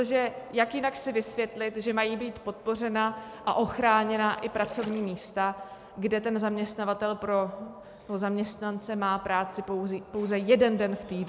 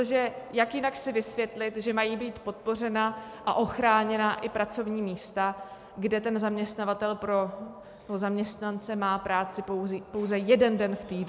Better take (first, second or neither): second